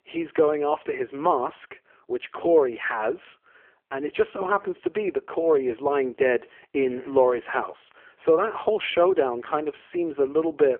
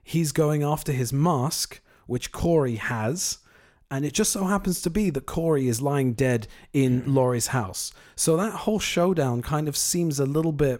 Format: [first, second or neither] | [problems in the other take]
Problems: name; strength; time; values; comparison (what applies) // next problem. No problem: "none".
second | phone-call audio; poor line; nothing above 3 kHz